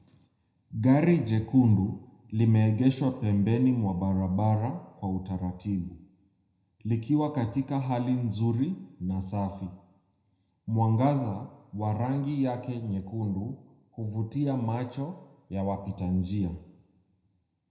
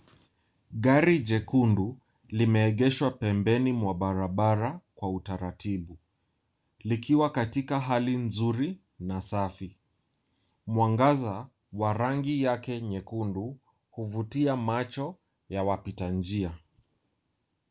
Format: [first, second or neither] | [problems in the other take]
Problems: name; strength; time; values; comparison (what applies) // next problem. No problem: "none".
second | room echo; dies away in 0.8 s